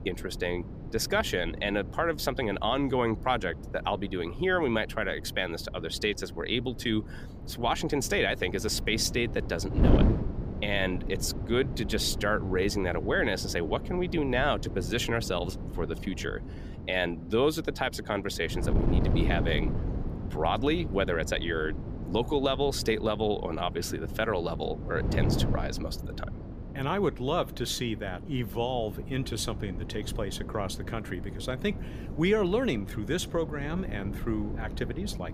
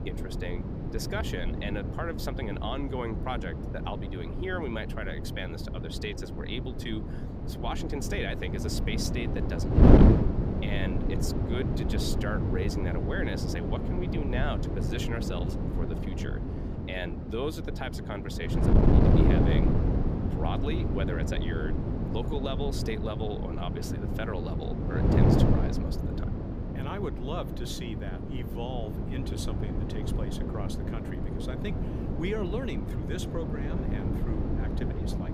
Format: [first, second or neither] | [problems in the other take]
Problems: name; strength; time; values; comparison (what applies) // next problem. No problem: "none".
first | wind noise on the microphone; heavy; 1 dB above the speech; occasional gusts in the first